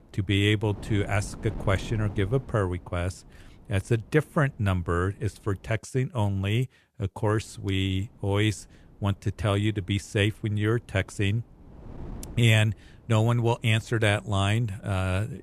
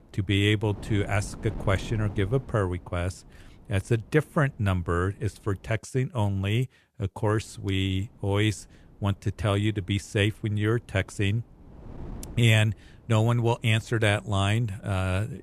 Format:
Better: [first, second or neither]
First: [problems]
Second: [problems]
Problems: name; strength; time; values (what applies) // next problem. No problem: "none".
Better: neither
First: wind noise on the microphone; occasional gusts; until 5.5 s and from 7 s on; 25 dB below the speech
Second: wind noise on the microphone; occasional gusts; until 5.5 s and from 7 s on; 25 dB below the speech